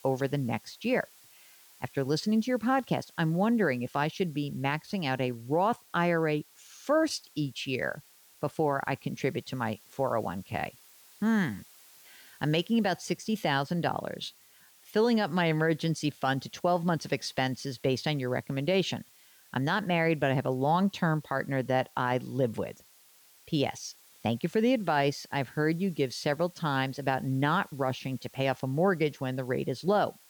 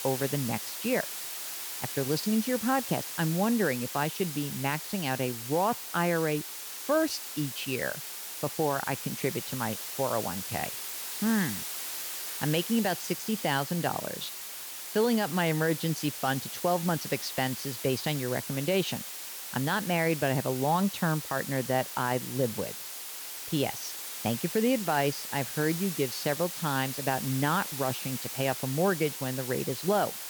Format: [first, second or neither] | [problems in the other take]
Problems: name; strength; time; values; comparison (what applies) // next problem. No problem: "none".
first | hiss; loud; throughout; 5 dB below the speech; faint in the first